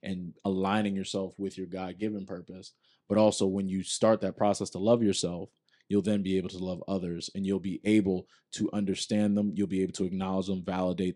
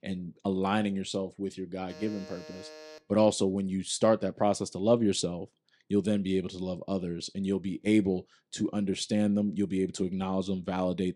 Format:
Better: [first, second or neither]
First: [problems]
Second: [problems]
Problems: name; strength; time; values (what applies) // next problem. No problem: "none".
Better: first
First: none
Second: alarm; faint; from 2 to 3 s; peak 15 dB below the speech